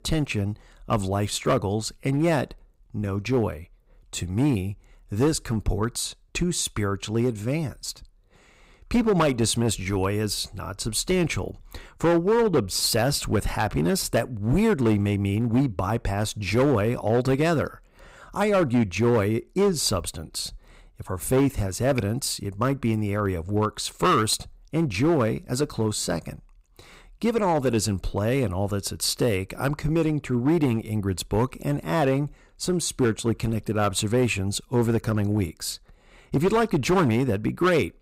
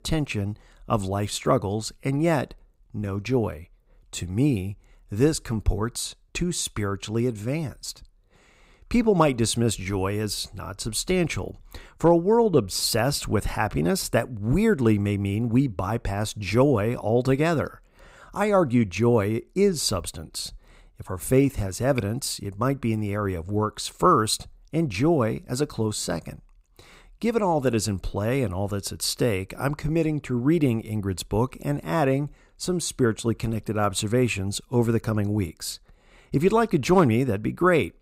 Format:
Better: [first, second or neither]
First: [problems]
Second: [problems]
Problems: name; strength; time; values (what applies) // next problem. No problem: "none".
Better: second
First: distortion; slight; 5% of the sound clipped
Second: none